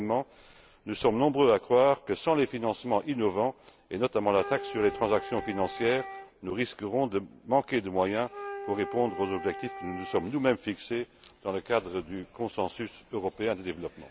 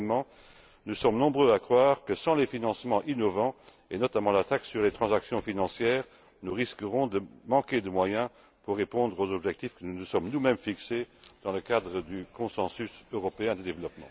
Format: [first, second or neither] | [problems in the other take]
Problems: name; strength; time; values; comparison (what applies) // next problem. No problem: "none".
second | background sound (Wind instrument, woodwind instrument); 12 dB below the speech